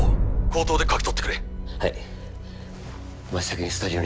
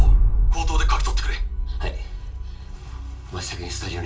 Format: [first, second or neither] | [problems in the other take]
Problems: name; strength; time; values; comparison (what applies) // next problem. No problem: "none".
first | room echo; dies away in 0.2 s